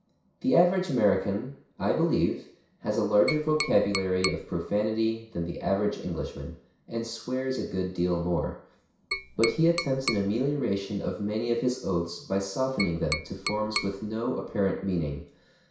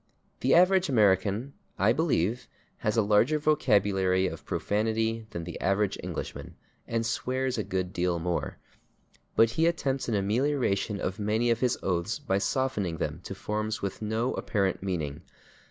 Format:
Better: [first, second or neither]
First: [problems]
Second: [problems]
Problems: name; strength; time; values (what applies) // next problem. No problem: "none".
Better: second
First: background sound (Tap); 7 dB below the speech // room echo; dies away in 0.6 s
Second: none